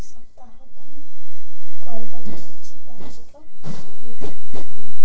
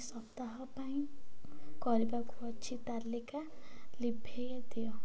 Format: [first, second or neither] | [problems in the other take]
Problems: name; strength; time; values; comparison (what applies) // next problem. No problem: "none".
second | noise reduction (neural separator model SepFormer DNS4)